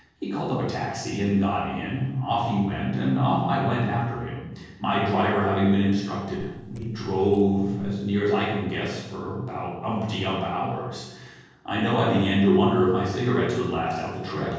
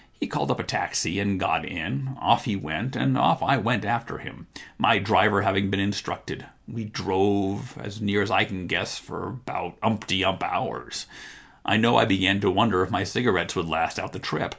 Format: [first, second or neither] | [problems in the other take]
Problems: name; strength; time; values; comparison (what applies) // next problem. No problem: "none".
second | noise reduction (neural separator model SepFormer DNS4)